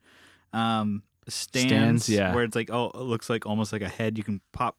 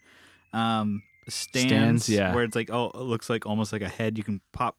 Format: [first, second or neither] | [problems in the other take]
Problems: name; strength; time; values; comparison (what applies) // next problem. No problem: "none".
first | animal sounds; faint; until 3 s; 30 dB below the speech